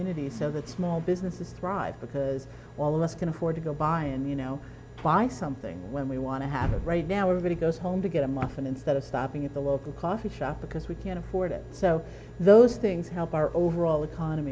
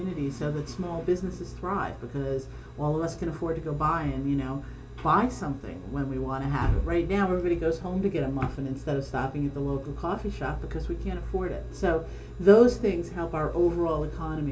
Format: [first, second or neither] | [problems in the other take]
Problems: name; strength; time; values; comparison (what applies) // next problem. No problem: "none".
first | room echo; dies away in 0.2 s